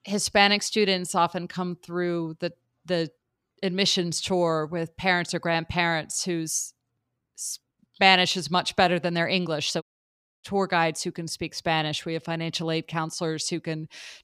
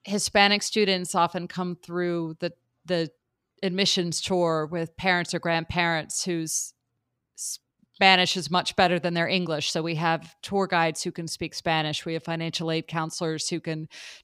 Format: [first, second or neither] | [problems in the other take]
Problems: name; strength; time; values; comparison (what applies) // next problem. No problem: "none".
second | audio cutting out; at 10 s for 0.5 s